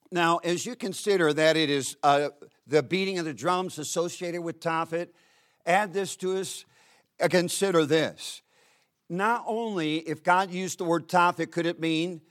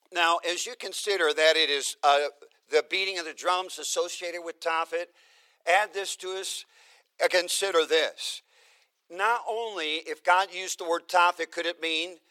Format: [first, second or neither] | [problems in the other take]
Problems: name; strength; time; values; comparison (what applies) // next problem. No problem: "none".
first | thin; very; fading below 450 Hz